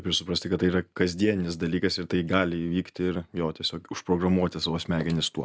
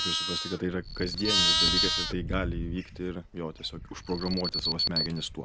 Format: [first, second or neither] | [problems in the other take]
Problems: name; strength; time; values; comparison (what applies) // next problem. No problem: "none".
first | background sound (Alarm + Livestock, farm animals, working animals); 3 dB above the speech